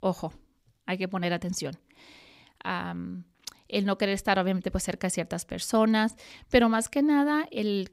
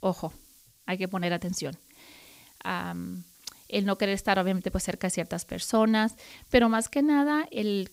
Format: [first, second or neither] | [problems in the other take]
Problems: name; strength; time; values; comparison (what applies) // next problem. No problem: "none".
first | hiss; faint; throughout; 25 dB below the speech